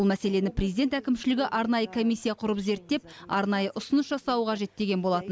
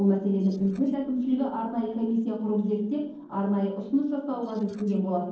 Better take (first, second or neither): first